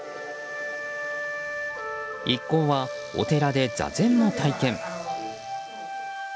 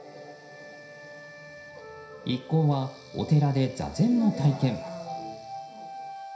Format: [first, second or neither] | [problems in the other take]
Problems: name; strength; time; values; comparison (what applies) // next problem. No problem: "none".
first | room echo; dies away in 0.5 s